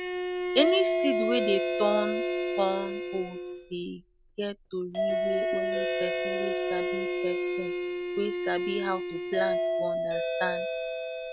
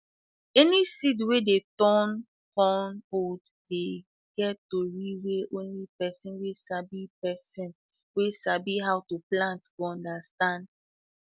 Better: second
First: background sound (Bowed string instrument + Doorbell); 3 dB above the speech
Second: none

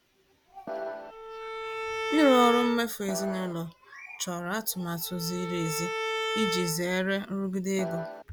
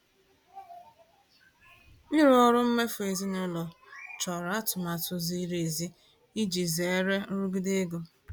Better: second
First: background sound (Bowed string instrument + Piano); 4 dB below the speech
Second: none

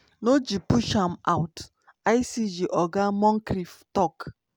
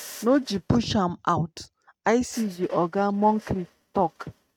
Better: first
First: none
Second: noise reduction (neural mask model RNNoise)

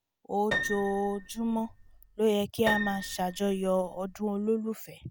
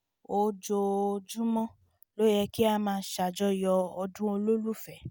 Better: second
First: background sound (Piano); 7 dB below the speech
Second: none

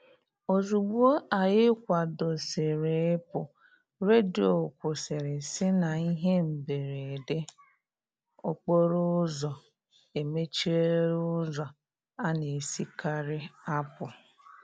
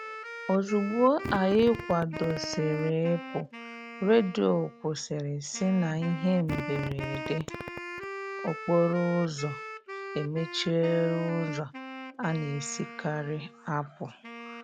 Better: first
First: none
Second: background sound (Fart + Wind instrument, woodwind instrument); 10 dB below the speech

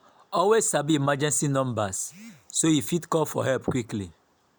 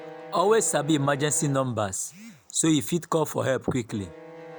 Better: first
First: none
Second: background sound (Bowed string instrument); 19 dB below the speech

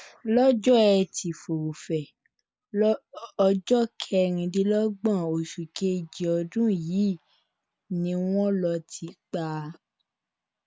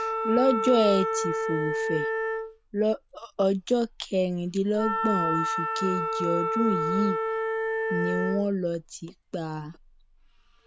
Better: first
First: none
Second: background sound (Wind instrument, woodwind instrument); 2 dB below the speech

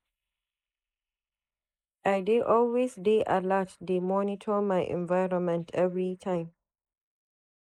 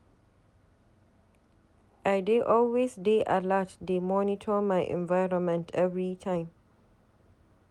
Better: second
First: noise reduction (neural mask model Resemble Enhance denoiser)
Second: none

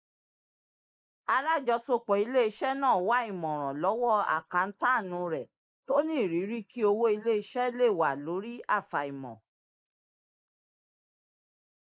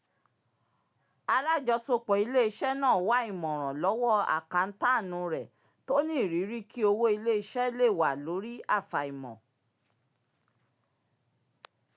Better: second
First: noise reduction (neural mask model Resemble Enhance denoiser)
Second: none

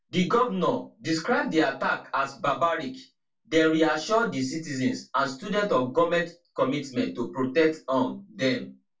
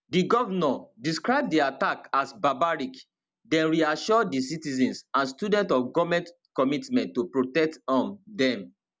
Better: second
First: room echo; dies away in 0.2 s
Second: none

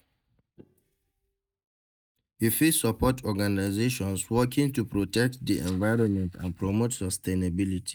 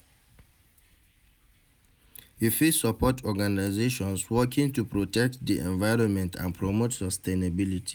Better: second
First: noise reduction (neural mask model DeepFilterNet 3)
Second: none

